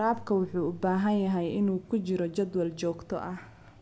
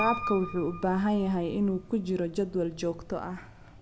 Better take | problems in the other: first | background sound (Piano); 10 dB below the speech

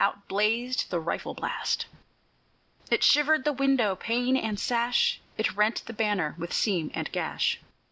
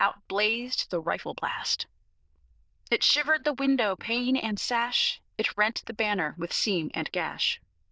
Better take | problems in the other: first | noise reduction (neural diffusion model UNIVERSE++)

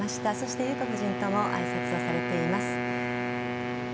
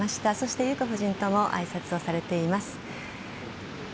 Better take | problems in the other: second | background sound (Wind instrument, woodwind instrument); 1 dB above the speech

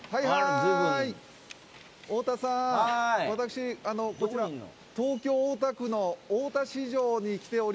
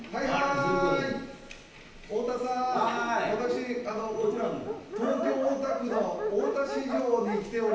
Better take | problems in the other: first | background sound (Dog); 8 dB below the speech // room echo; dies away in 0.9 s

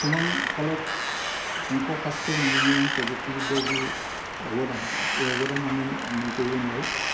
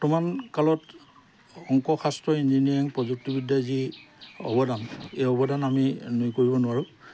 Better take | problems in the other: second | background sound (Wind); 1 dB above the speech // room echo; dies away in 0.7 s

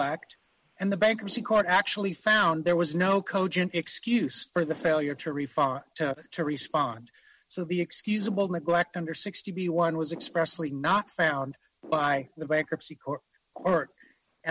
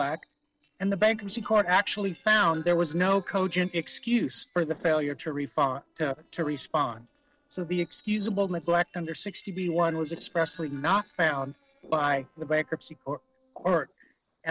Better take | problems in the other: first | noise reduction (neural separator model SepFormer DNS4)

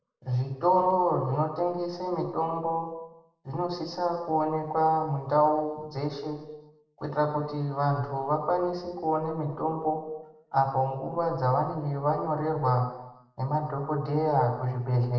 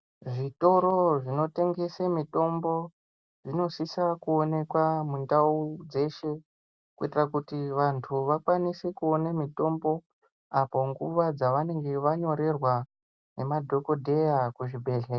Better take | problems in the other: second | room echo; dies away in 0.9 s

